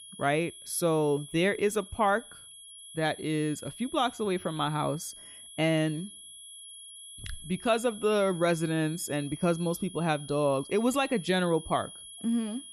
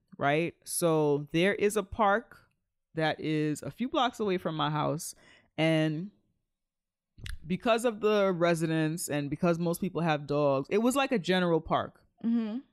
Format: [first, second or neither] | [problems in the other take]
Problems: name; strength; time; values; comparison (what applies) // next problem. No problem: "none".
second | high-pitched whine; noticeable; throughout; 3.5 kHz, 15 dB below the speech